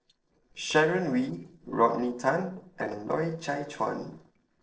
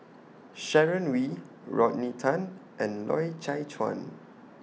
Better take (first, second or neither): second